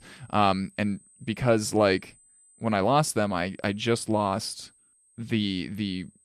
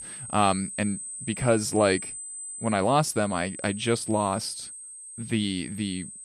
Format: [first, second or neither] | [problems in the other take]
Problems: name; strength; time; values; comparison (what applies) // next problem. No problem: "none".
first | high-pitched whine; loud; throughout; 8 kHz, 9 dB below the speech; faint in the first